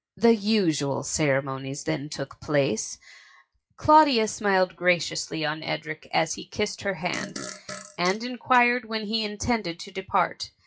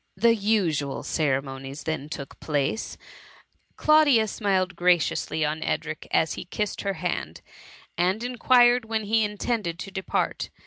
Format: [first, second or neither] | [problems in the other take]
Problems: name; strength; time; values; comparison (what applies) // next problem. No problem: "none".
second | noise reduction (classical method WPE with log-MMSE)